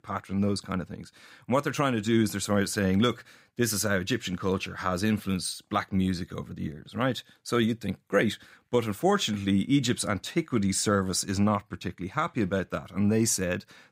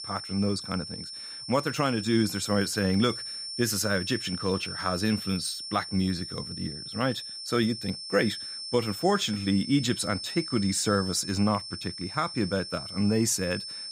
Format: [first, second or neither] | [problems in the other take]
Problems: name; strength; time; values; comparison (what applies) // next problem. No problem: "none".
first | high-pitched whine; loud; throughout; 5.5 kHz, 7 dB below the speech